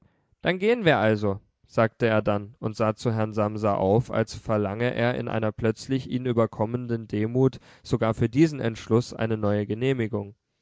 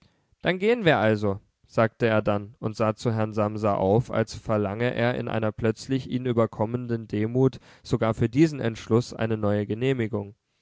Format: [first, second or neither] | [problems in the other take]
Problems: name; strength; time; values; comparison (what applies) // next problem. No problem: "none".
second | noise reduction (neural mask model Resemble Enhance denoiser)